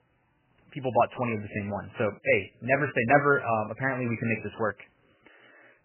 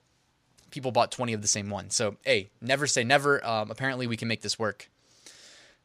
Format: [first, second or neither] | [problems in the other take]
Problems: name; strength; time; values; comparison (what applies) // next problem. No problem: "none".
second | garbled, watery; badly; nothing above 2.5 kHz